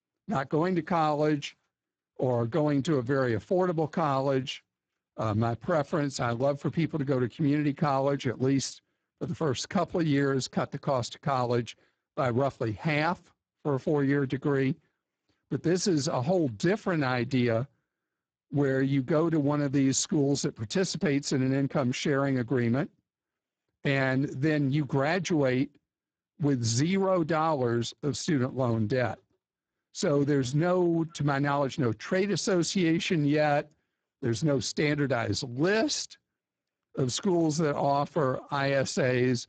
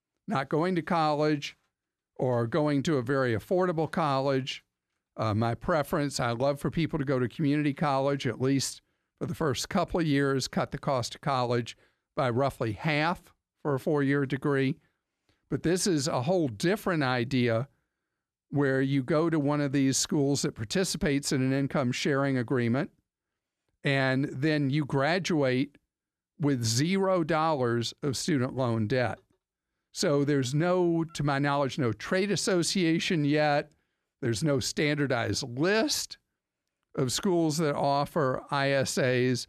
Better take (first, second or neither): second